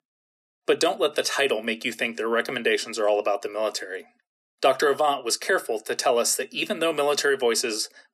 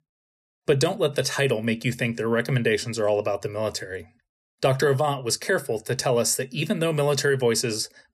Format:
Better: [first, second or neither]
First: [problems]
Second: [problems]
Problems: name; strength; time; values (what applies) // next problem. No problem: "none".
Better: second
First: thin; somewhat; fading below 300 Hz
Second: none